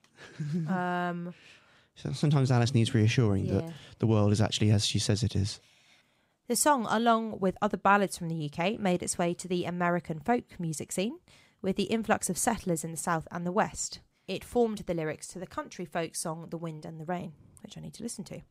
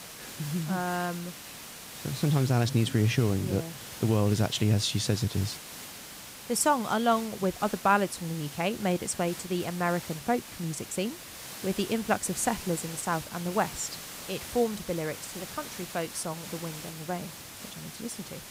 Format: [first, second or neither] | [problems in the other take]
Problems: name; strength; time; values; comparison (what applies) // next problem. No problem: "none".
first | hiss; noticeable; throughout; 10 dB below the speech